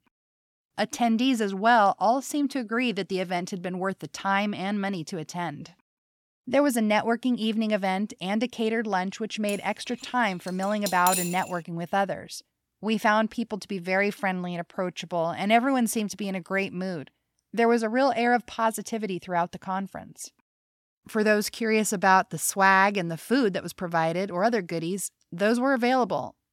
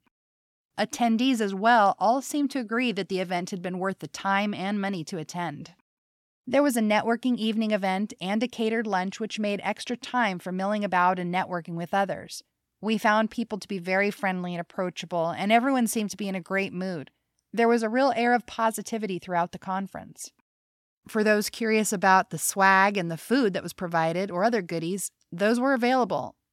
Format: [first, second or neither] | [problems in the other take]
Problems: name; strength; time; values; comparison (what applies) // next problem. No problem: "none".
second | clattering dishes; noticeable; from 9.5 to 11 s; peak 1 dB below the speech